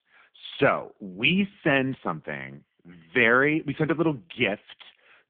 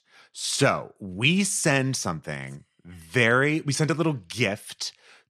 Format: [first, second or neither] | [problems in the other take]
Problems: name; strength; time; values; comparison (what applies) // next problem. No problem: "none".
second | phone-call audio; poor line; nothing above 3 kHz